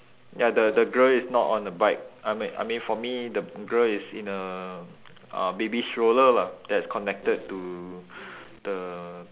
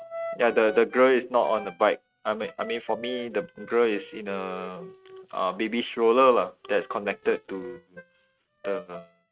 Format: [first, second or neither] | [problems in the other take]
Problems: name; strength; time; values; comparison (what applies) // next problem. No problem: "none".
first | noise reduction (neural mask model RNNoise)